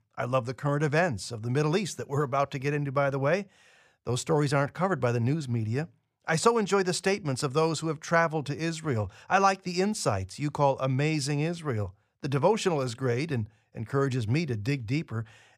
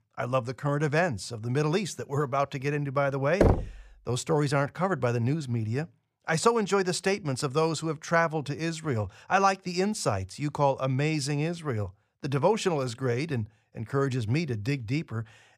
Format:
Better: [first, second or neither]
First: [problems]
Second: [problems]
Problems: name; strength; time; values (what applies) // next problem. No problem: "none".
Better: first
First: none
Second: door banging; loud; at 3.5 s; peak 4 dB above the speech